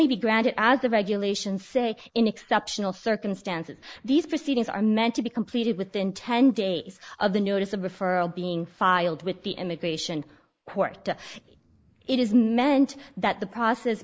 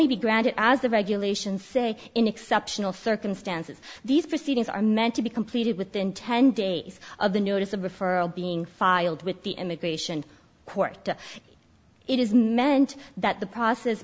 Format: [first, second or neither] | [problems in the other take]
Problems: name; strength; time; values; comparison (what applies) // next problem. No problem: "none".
second | noise reduction (neural mask model Resemble Enhance denoiser)